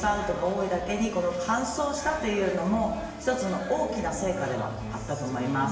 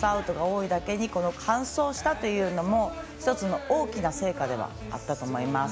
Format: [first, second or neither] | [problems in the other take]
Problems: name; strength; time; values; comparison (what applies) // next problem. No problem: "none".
second | room echo; dies away in 1 s